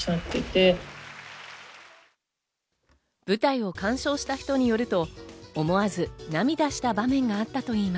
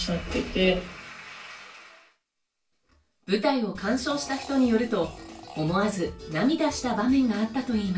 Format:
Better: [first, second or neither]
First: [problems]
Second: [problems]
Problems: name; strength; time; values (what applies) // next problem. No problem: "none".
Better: first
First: none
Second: background sound (Fart); 20 dB below the speech // room echo; dies away in 0.3 s